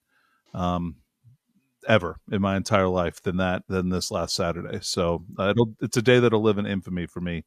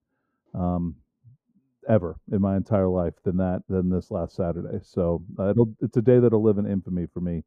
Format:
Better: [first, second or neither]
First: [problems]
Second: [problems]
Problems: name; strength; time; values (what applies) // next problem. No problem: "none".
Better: first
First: none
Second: muffled; very; fading above 1.5 kHz